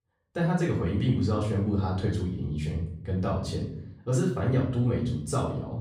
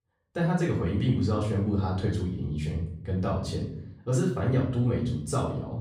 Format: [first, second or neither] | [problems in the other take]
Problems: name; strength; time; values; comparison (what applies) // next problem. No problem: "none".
neither | off-mic speech; far; the same in both // room echo; noticeable; dies away in 0.5 s; the same in both